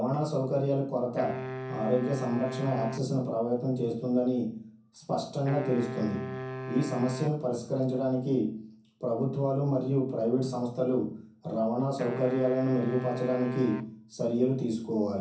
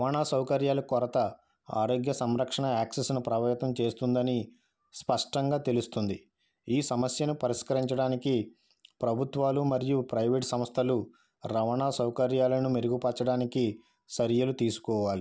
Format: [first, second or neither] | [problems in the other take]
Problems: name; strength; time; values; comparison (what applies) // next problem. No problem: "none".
second | background sound (Wind instrument, woodwind instrument); 10 dB below the speech // room echo; dies away in 0.6 s